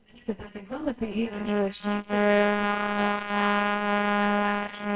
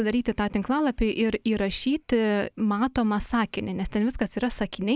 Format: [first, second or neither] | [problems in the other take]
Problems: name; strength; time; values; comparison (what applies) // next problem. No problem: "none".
second | noise reduction (neural separator model SepFormer WHAMR!)